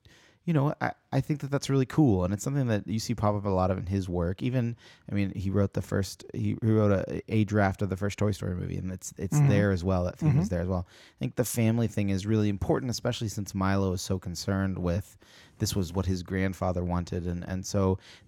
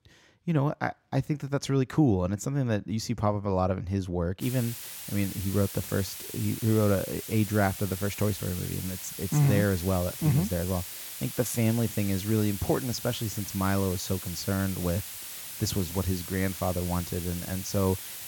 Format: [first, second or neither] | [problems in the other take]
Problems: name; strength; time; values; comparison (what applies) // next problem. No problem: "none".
first | hiss; loud; from 4.5 s on; 8 dB below the speech